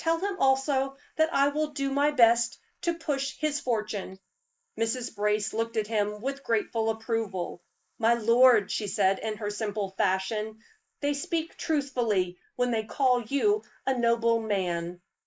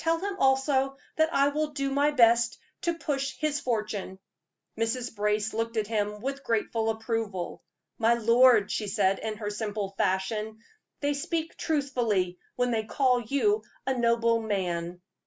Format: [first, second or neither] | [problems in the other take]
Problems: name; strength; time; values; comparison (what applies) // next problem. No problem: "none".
second | noise reduction (neural mask model Resemble Enhance denoiser)